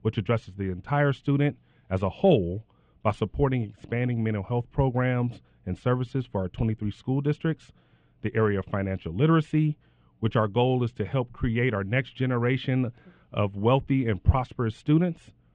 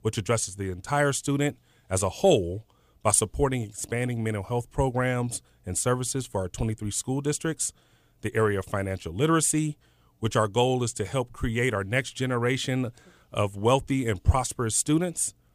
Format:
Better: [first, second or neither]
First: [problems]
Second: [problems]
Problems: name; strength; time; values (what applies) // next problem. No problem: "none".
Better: second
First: muffled; very; fading above 3 kHz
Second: none